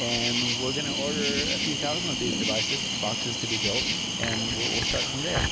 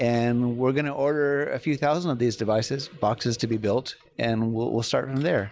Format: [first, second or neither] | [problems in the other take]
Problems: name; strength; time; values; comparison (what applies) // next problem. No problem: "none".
second | background sound (Cricket); 5 dB above the speech